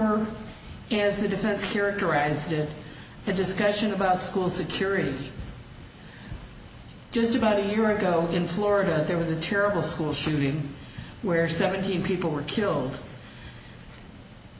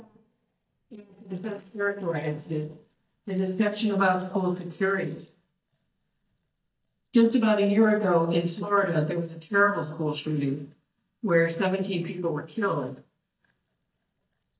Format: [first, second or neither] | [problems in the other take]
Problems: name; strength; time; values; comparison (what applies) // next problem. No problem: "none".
first | noise reduction (neural mask model DeepFilterNet 3)